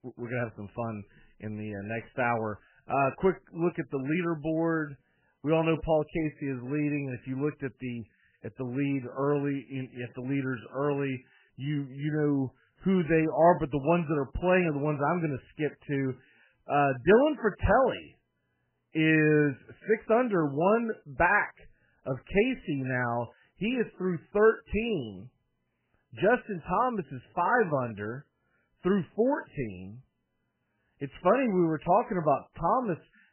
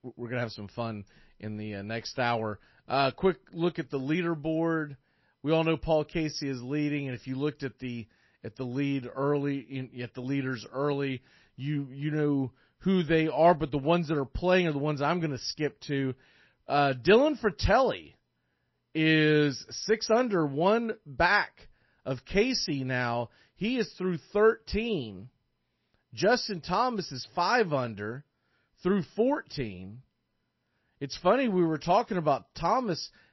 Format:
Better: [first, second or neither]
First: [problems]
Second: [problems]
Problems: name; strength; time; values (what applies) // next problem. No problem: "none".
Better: second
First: garbled, watery; badly; nothing above 3 kHz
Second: garbled, watery; slightly; nothing above 6 kHz